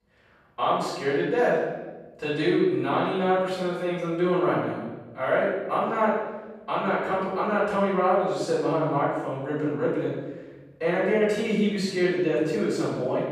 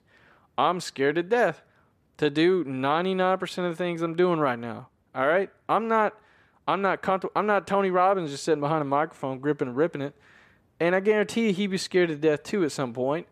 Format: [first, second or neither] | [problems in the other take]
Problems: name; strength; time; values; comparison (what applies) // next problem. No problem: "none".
second | room echo; strong; dies away in 1 s // off-mic speech; far